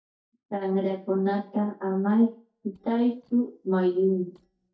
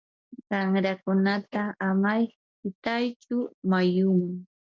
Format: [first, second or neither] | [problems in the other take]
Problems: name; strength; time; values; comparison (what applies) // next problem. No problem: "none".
second | noise reduction (neural mask model DeepFilterNet 3)